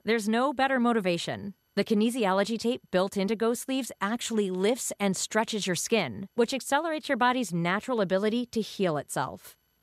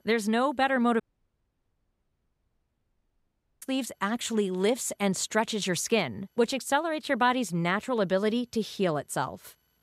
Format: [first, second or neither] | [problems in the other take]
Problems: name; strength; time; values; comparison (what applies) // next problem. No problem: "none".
first | audio cutting out; at 1 s for 2.5 s